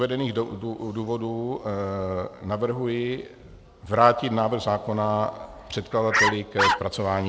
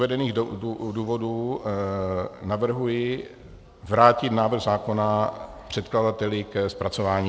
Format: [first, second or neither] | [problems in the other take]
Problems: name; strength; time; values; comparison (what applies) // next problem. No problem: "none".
second | background sound (Bark); 2 dB above the speech